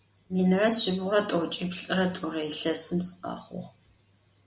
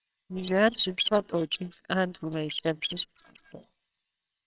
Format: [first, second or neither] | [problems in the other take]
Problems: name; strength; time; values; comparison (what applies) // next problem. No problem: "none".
first | noise reduction (neural separator model SepFormer WHAMR!)